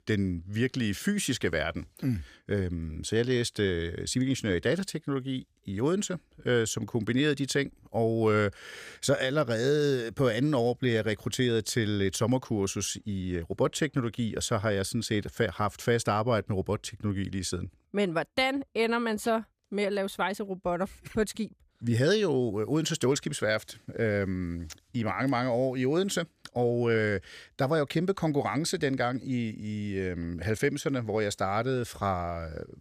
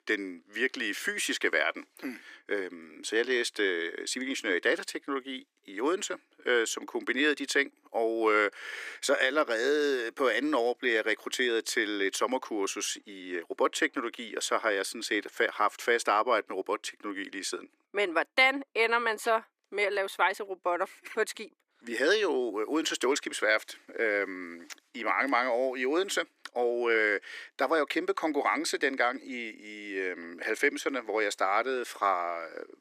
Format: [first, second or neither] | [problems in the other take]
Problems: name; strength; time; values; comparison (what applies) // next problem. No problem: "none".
first | thin; somewhat; fading below 300 Hz